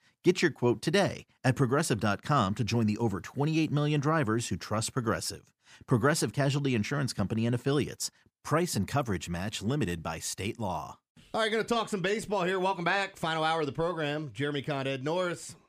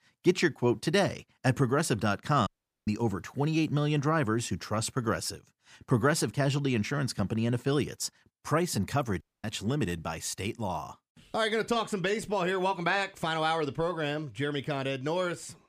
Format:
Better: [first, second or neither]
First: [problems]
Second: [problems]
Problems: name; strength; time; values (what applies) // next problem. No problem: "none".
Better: first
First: none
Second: audio cutting out; at 2.5 s and at 9 s